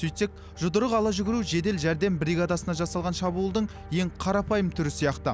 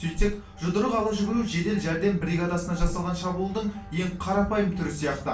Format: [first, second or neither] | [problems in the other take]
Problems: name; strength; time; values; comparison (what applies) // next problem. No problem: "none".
first | background sound (Bird); 9 dB below the speech // room echo; dies away in 0.3 s